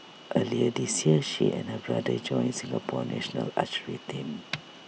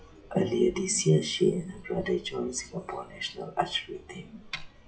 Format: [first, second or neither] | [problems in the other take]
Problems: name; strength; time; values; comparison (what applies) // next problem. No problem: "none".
first | noise reduction (classical method WPE with log-MMSE)